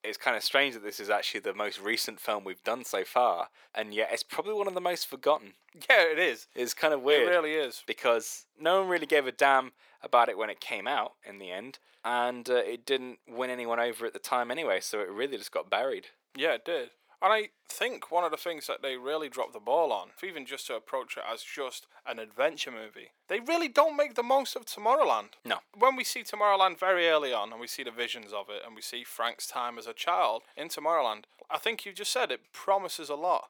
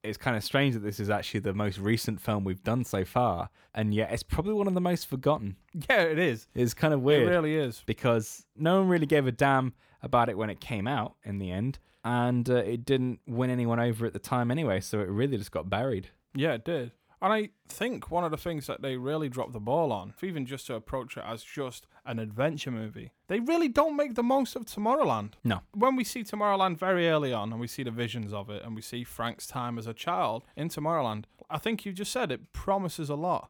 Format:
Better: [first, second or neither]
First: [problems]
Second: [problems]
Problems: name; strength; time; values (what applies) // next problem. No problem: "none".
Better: second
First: thin; very; fading below 450 Hz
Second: none